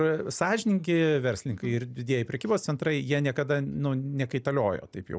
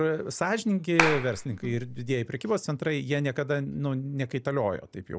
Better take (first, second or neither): first